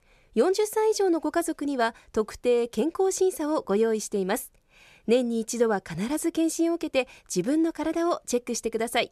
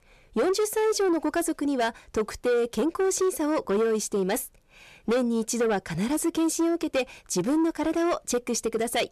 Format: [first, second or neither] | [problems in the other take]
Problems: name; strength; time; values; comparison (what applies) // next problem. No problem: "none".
first | distortion; slight; 10 dB below the speech